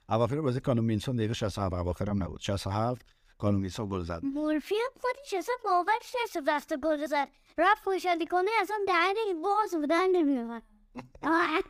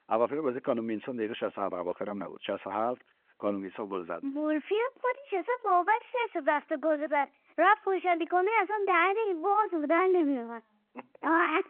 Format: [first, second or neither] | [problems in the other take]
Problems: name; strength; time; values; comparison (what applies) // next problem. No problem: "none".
first | phone-call audio